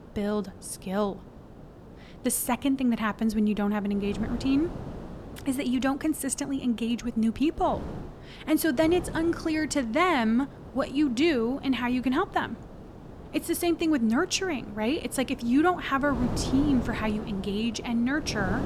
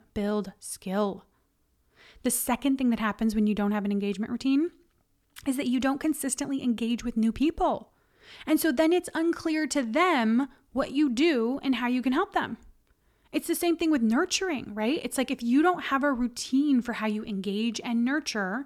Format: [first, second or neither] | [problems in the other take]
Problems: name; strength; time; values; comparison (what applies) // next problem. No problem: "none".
second | wind noise on the microphone; occasional gusts; 15 dB below the speech